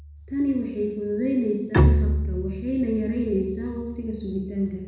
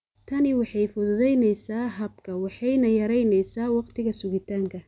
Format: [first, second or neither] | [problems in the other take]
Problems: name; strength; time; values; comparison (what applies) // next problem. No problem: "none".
second | background sound (Bowed string instrument); as loud as the speech // room echo; dies away in 1 s